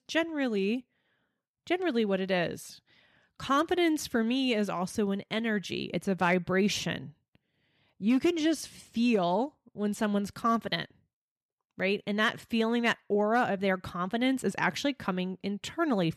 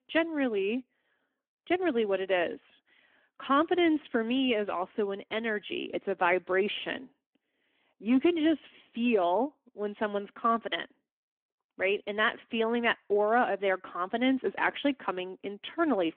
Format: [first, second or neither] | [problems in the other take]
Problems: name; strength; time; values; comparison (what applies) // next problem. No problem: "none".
first | phone-call audio; nothing above 3.5 kHz